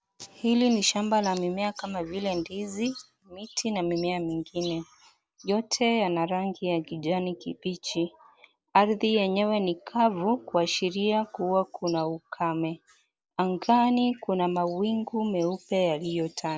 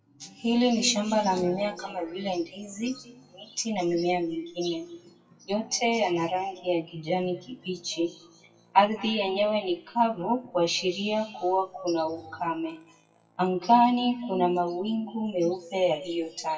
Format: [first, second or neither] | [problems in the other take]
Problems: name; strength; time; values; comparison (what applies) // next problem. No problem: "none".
first | noise reduction (classical method WPE with log-MMSE)